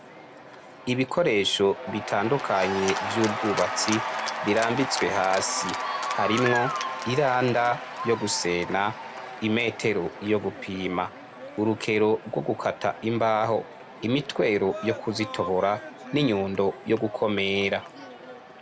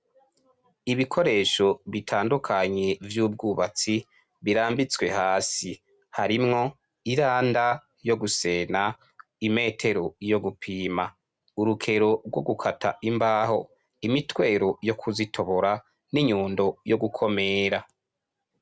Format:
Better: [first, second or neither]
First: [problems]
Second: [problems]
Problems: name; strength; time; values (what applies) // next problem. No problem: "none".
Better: second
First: background sound (Applause / Cheering); 8 dB below the speech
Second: none